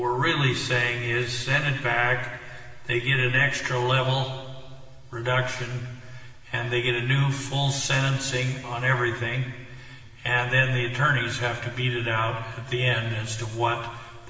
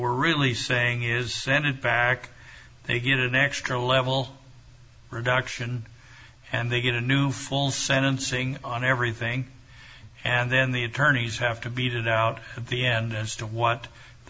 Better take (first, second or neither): second